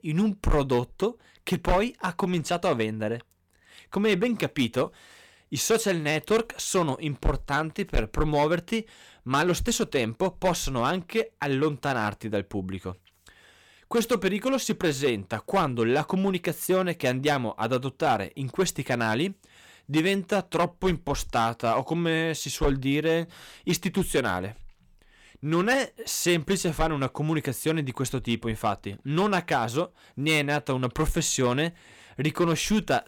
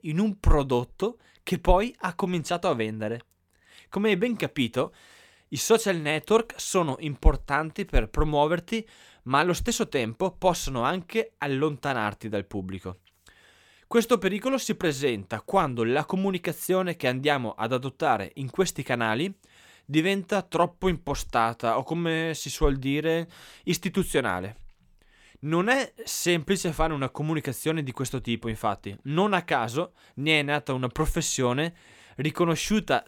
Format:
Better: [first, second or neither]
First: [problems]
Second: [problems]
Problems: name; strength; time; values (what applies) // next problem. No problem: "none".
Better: second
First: distortion; slight; 4% of the sound clipped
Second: none